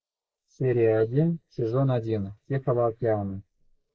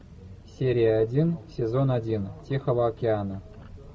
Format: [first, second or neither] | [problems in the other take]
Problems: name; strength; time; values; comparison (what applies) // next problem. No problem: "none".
second | noise reduction (neural mask model Resemble Enhance denoiser)